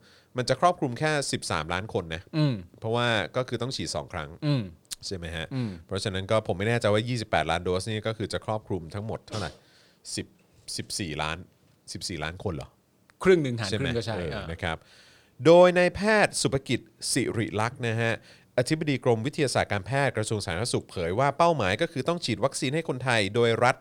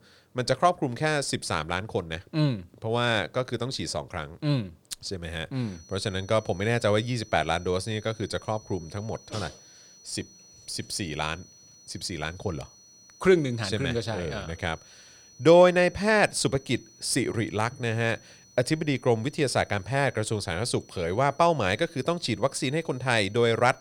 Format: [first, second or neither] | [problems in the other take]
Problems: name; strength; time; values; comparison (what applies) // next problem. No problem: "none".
first | high-pitched whine; faint; from 5.5 s on; 6 kHz, 25 dB below the speech